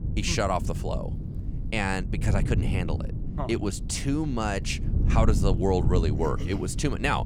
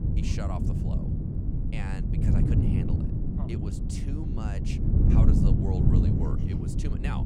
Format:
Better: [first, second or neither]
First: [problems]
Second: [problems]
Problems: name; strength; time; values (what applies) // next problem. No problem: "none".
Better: first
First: wind noise on the microphone; occasional gusts; 10 dB below the speech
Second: wind noise on the microphone; heavy; 5 dB above the speech